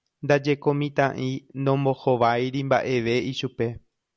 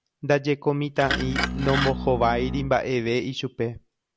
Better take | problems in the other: first | background sound (Glass + Bowed string instrument); 4 dB below the speech

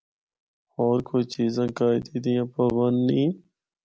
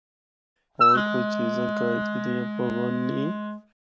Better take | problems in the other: first | background sound (Wind instrument, woodwind instrument); 5 dB above the speech

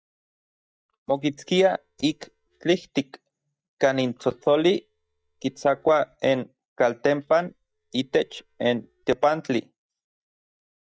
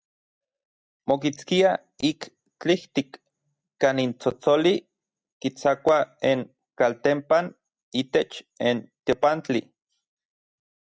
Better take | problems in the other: second | noise reduction (neural mask model DeepFilterNet 3)

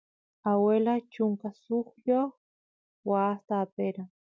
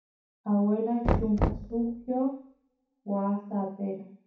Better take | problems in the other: first | background sound (Knock); 3 dB below the speech // room echo; dies away in 0.6 s

